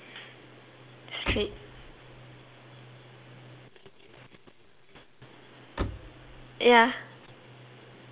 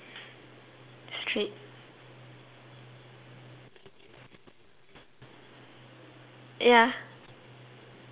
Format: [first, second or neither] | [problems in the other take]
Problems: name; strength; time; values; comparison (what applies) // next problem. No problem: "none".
second | background sound (Slam); 7 dB below the speech